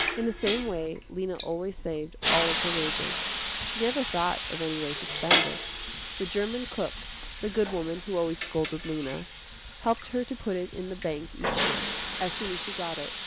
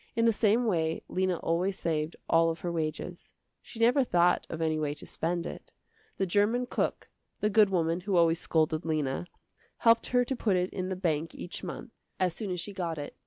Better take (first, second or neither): second